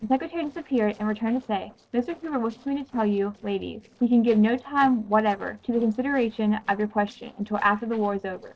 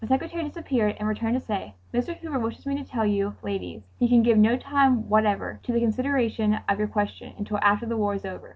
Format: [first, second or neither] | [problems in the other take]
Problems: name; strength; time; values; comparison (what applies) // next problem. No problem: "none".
second | noise reduction (neural separator model SepFormer DNS4)